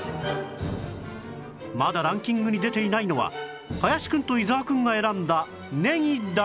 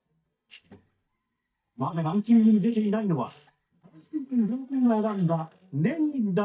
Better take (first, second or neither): first